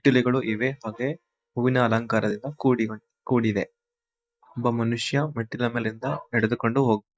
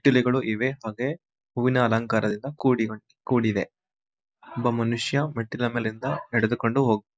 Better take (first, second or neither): second